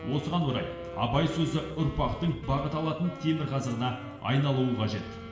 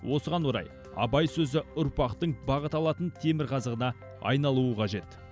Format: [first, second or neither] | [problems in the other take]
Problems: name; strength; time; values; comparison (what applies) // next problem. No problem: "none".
second | background sound (Wind instrument, woodwind instrument); 14 dB below the speech // room echo; dies away in 1.1 s